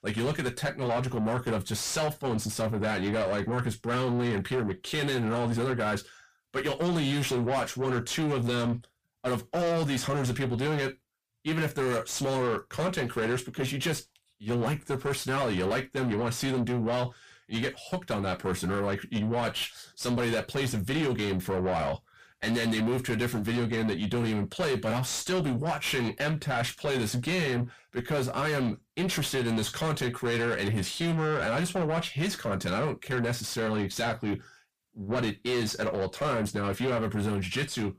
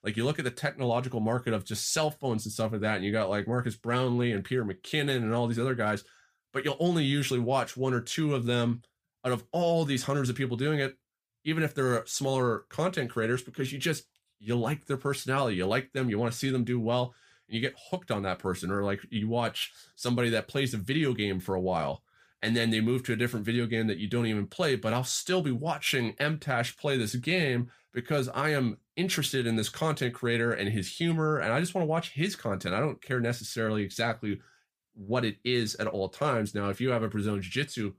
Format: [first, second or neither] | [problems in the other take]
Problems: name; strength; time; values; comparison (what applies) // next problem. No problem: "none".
second | distortion; heavy; 6 dB below the speech